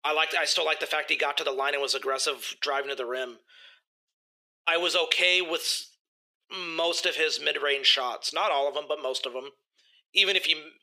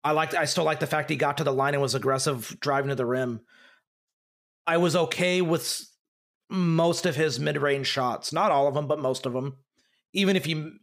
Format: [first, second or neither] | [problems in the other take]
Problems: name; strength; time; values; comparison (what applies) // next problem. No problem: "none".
second | thin; very; fading below 400 Hz